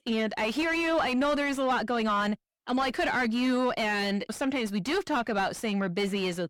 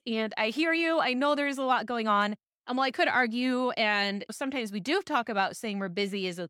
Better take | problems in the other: second | distortion; heavy; 7 dB below the speech

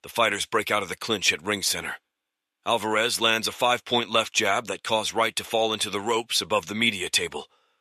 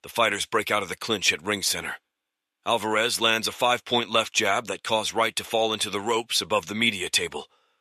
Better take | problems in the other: neither | thin; somewhat; fading below 500 Hz; the same in both

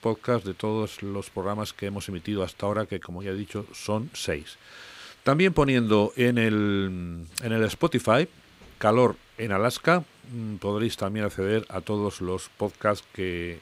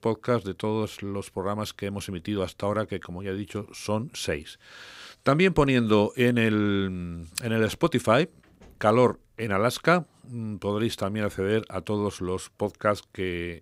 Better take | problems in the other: second | hiss; faint; throughout; 30 dB below the speech

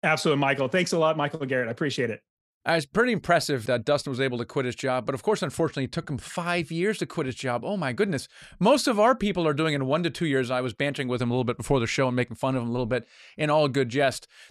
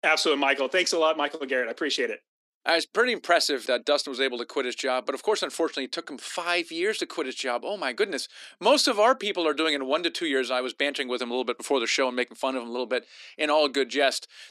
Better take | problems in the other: first | thin; somewhat; fading below 250 Hz

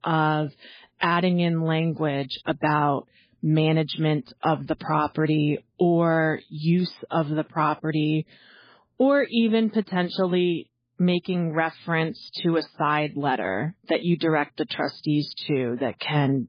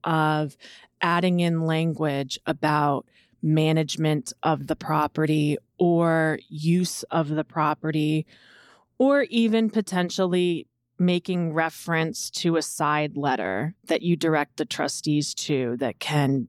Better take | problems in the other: second | garbled, watery; badly; nothing above 5 kHz

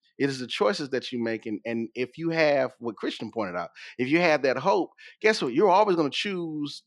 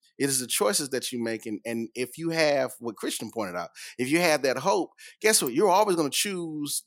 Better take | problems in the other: second | muffled; slightly; fading above 4 kHz

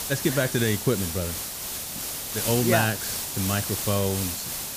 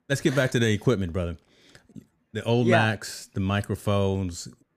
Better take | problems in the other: second | hiss; loud; throughout; 2 dB below the speech

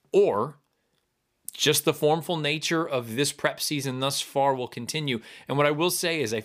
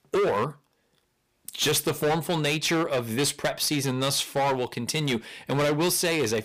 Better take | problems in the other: first | distortion; heavy; 15% of the sound clipped

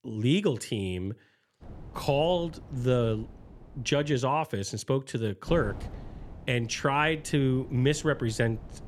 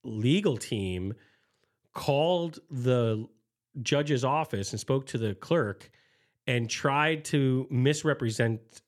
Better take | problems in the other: second | wind noise on the microphone; occasional gusts; from 1.5 to 4 s and from 5.5 s on; 20 dB below the speech

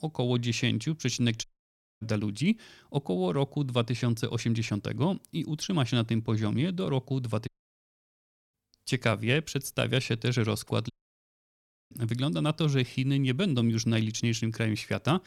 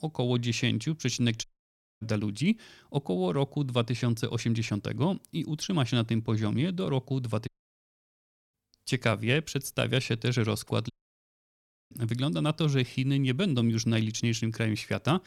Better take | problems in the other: neither | audio cutting out; at 1.5 s for 0.5 s, at 7.5 s for 1 s and at 11 s for 1 s; the same in both

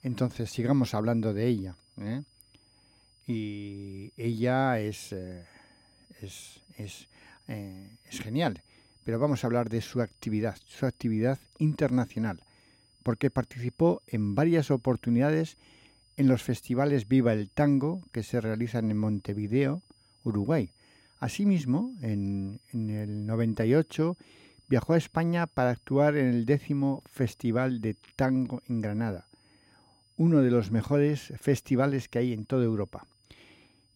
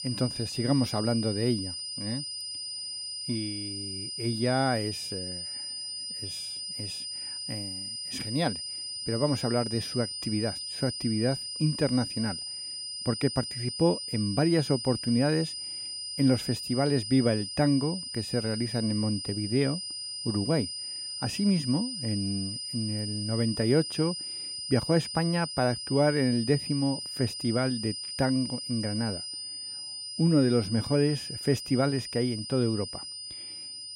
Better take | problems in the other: first | high-pitched whine; loud; throughout; 5 kHz, 5 dB below the speech; faint in the first

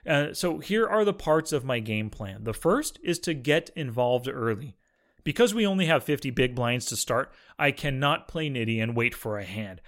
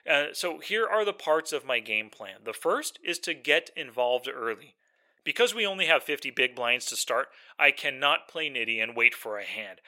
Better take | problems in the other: first | thin; very; fading below 550 Hz

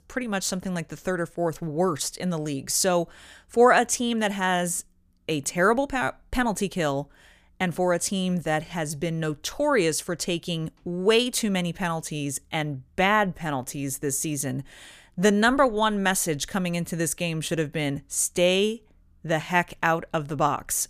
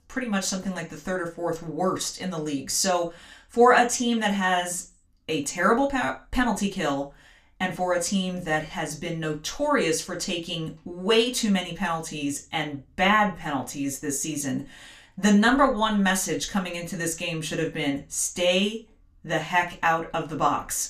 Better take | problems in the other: first | room echo; very slight; dies away in 0.3 s // off-mic speech; somewhat distant

